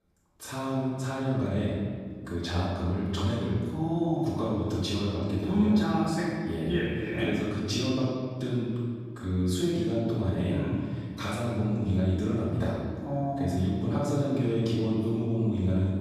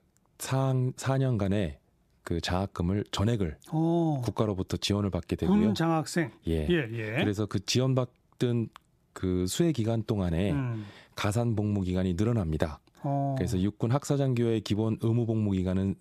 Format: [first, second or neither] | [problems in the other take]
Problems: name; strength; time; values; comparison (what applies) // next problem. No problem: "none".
second | off-mic speech; far // room echo; strong; dies away in 1.7 s